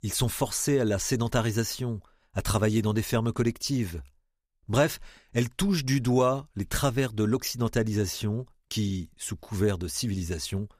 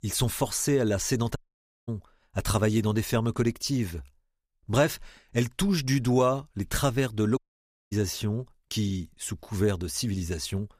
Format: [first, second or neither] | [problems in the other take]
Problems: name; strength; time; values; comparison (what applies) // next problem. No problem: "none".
first | audio cutting out; at 1.5 s for 0.5 s and at 7.5 s for 0.5 s